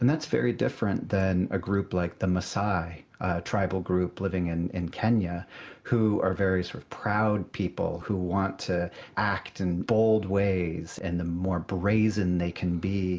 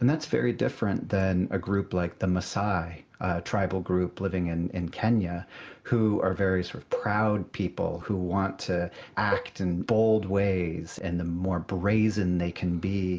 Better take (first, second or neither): first